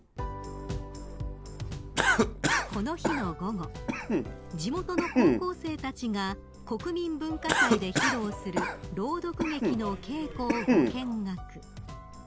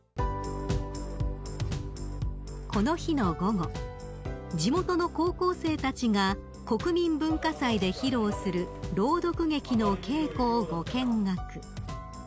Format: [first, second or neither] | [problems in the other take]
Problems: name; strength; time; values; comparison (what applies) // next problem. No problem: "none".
second | background sound (Cough); 2 dB above the speech